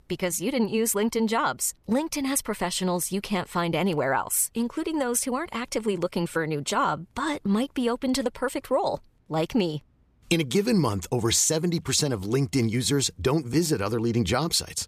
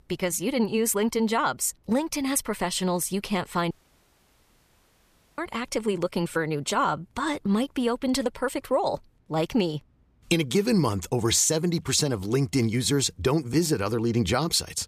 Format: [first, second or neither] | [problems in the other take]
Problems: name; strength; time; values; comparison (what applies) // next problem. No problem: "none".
first | audio cutting out; at 3.5 s for 1.5 s